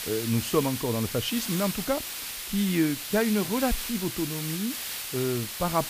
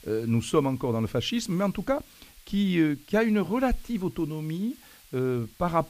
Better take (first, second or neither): second